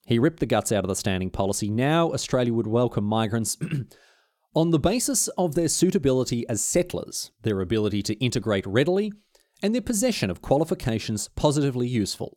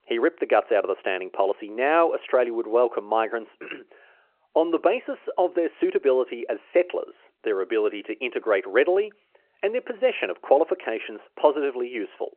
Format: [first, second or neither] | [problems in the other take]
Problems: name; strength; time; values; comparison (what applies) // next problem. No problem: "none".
first | phone-call audio